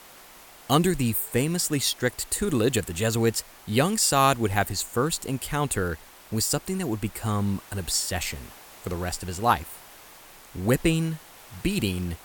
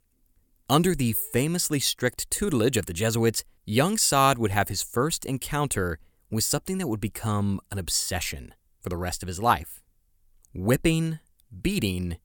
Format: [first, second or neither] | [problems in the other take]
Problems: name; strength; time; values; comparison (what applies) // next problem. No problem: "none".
second | hiss; faint; throughout; 20 dB below the speech